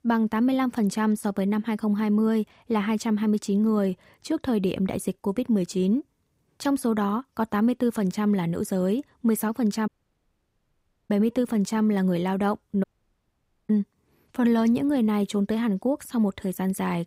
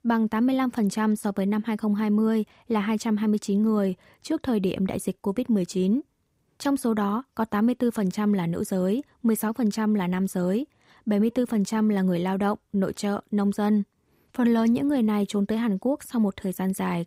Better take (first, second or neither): second